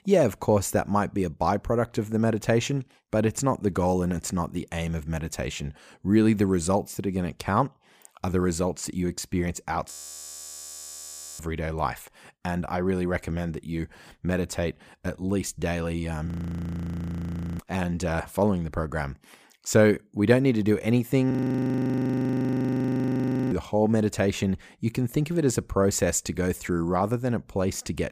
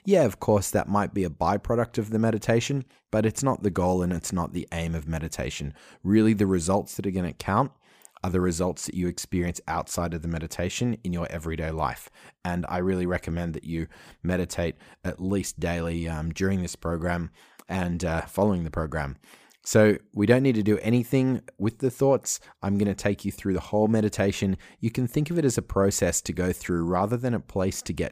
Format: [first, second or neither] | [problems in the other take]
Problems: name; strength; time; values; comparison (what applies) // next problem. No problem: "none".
second | audio freezing; at 10 s for 1.5 s, at 16 s for 1.5 s and at 21 s for 2 s